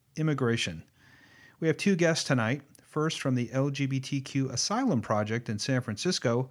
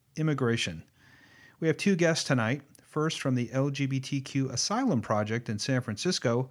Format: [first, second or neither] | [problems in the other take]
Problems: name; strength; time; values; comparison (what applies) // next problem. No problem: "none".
neither | none